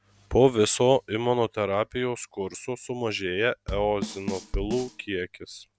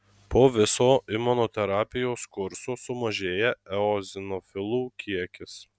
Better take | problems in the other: second | background sound (Bass drum / Snare drum / Drum kit); 9 dB below the speech

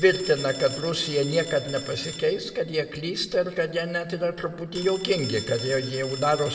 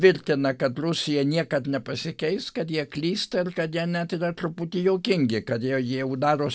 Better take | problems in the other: second | background sound (Telephone); 14 dB below the speech // room echo; dies away in 1.4 s

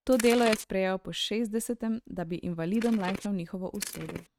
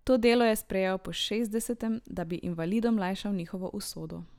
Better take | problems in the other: second | noise reduction (neural mask model RNNoise)

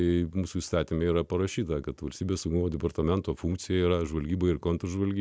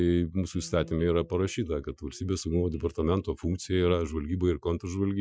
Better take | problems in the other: first | noise reduction (classical method Wiener filter)

